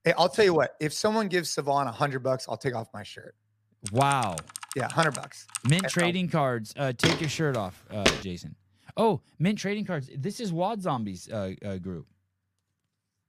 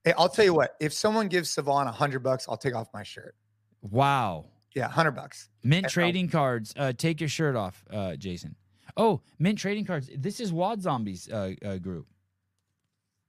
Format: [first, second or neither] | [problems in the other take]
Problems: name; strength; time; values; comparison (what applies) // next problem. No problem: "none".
second | keyboard typing; noticeable; from 4 to 6 s; peak 6 dB below the speech // footsteps; loud; from 7 to 8 s; peak 2 dB above the speech